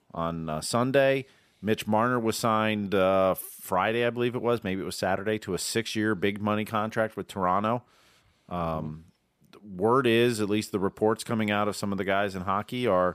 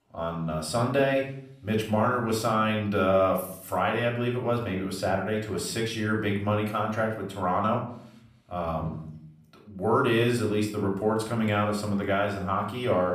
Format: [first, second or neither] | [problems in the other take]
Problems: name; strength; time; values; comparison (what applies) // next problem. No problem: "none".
first | off-mic speech; far // room echo; slight; dies away in 0.6 s